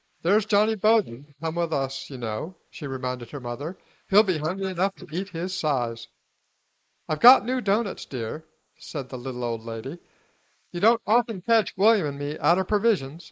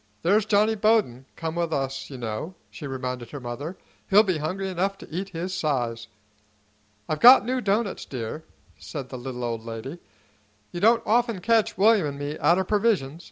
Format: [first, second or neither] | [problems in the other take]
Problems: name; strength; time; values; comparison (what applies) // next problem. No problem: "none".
second | noise reduction (neural mask model Resemble Enhance denoiser)